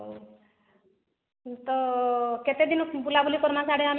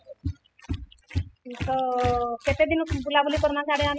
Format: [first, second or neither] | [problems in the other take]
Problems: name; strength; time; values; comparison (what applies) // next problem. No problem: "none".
first | noise reduction (classical method spectral subtraction)